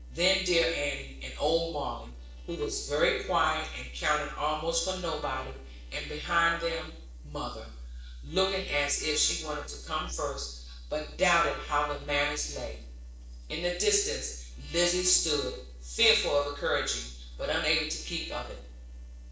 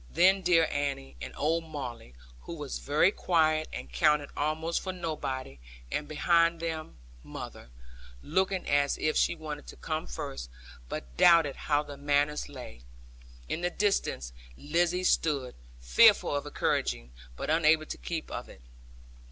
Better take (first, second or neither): second